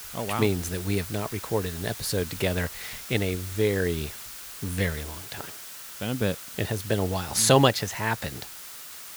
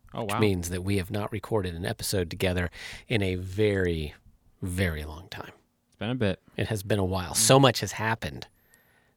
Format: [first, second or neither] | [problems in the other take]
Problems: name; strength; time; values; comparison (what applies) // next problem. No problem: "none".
second | hiss; noticeable; throughout; 10 dB below the speech